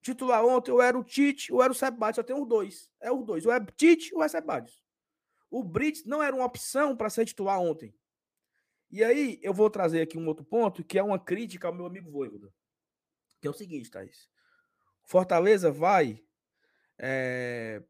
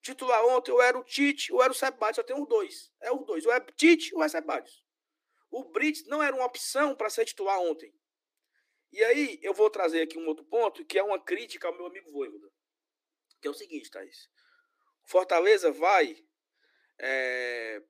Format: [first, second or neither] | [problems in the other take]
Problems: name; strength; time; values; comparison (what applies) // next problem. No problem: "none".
first | thin; very slightly; fading below 300 Hz